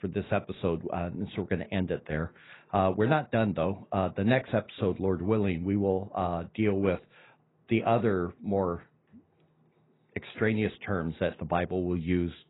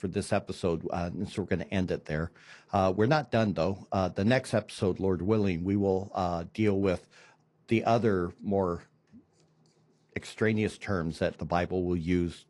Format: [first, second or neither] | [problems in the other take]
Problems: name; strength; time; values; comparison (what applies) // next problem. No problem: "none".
second | garbled, watery; badly; nothing above 4 kHz; slightly in the second